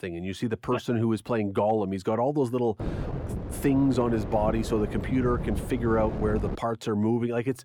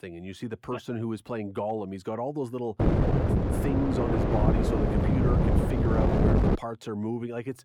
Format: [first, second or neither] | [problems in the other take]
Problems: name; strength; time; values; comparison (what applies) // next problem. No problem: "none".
first | wind noise on the microphone; heavy; from 3 to 6.5 s; 4 dB above the speech; occasional gusts in the first